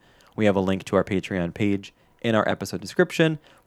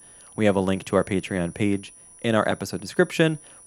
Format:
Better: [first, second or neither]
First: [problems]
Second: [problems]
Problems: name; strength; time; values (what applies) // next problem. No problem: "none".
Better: first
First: none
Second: high-pitched whine; faint; throughout; 10 kHz, 20 dB below the speech